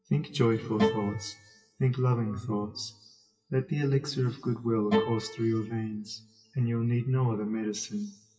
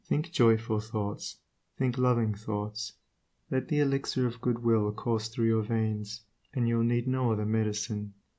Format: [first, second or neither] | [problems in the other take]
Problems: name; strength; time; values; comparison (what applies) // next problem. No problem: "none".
second | noise reduction (classical method WPE with log-MMSE)